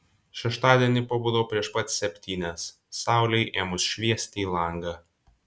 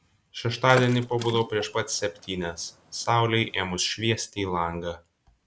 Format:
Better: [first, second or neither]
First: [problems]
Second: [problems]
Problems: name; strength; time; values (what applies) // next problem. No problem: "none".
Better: first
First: none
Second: background sound (Water / Splash, splatter); 14 dB below the speech